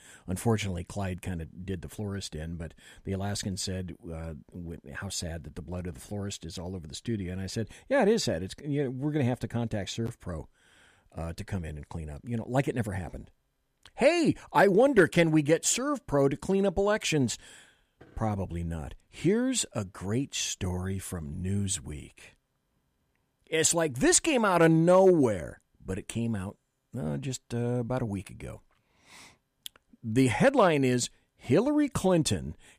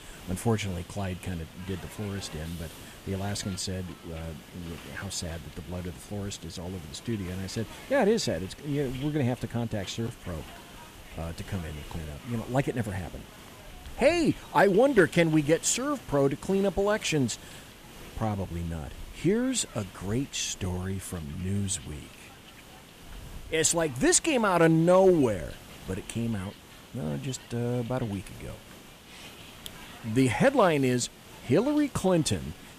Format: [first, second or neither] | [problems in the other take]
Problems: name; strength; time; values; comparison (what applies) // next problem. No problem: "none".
first | hiss; noticeable; throughout; 20 dB below the speech